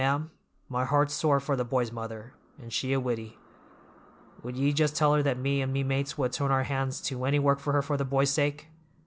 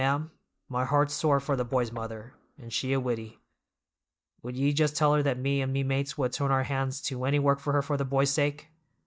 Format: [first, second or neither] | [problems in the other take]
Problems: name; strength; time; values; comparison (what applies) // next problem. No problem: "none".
first | noise reduction (neural mask model DeepFilterNet 3)